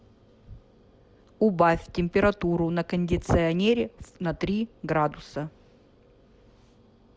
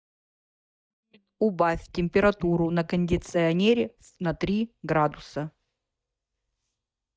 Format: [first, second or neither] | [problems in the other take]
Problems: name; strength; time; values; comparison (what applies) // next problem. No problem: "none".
first | noise reduction (neural mask model DeepFilterNet 3)